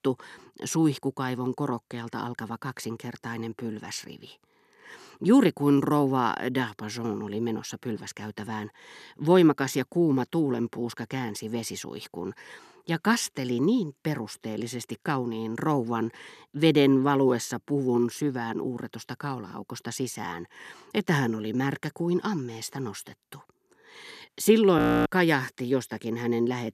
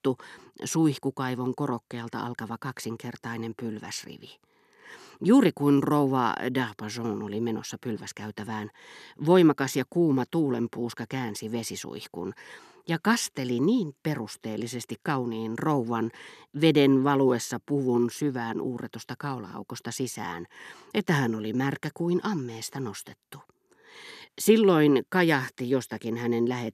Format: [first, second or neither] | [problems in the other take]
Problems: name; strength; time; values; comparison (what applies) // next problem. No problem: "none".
second | audio freezing; at 25 s